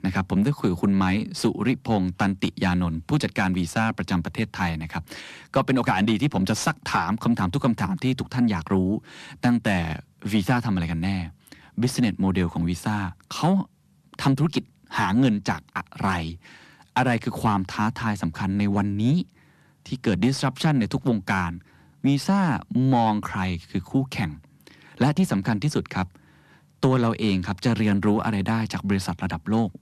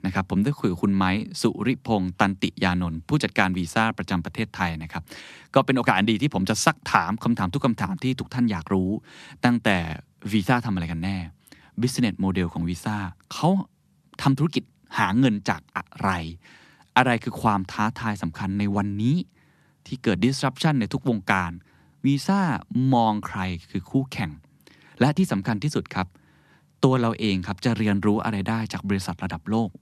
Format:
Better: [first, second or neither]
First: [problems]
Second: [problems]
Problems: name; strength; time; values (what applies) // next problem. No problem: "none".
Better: second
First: distortion; slight; 10 dB below the speech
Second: none